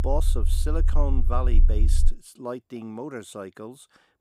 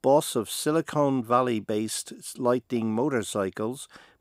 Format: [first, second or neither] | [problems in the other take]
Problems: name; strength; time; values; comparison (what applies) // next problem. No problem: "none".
second | low rumble; noticeable; until 2 s; 10 dB below the speech